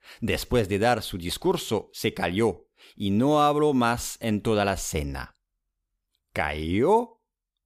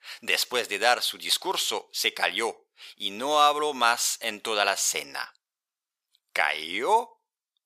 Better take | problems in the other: first | thin; very; fading below 800 Hz

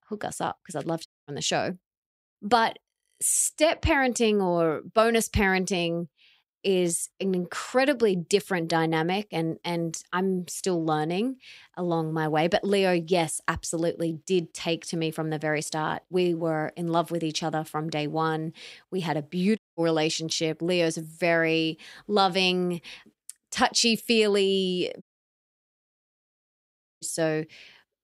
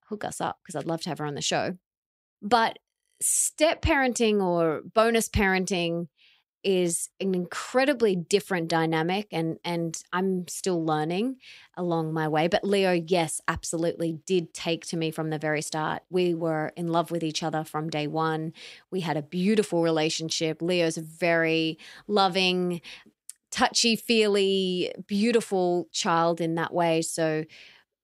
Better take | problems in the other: second | audio cutting out; at 1 s, at 20 s and at 25 s for 2 s

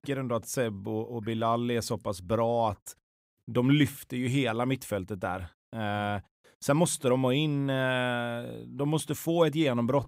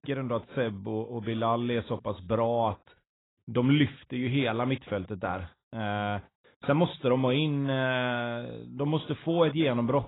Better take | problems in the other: first | garbled, watery; badly; nothing above 3.5 kHz

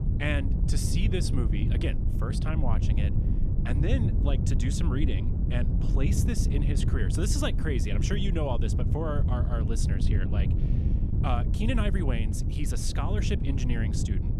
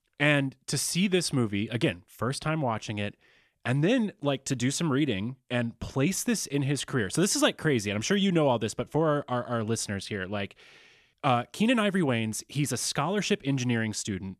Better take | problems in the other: second | wind noise on the microphone; heavy; 5 dB below the speech

